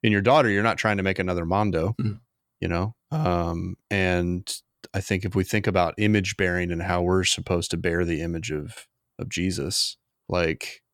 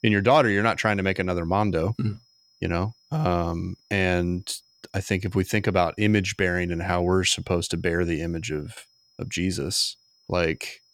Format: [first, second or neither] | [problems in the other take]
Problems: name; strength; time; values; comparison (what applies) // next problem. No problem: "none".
first | high-pitched whine; faint; throughout; 5 kHz, 35 dB below the speech